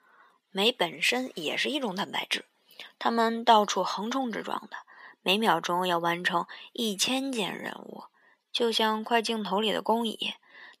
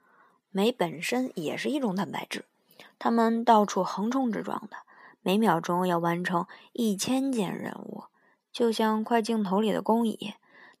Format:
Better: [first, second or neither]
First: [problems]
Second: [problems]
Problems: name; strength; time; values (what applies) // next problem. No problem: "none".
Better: second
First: thin; very slightly; fading below 400 Hz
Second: none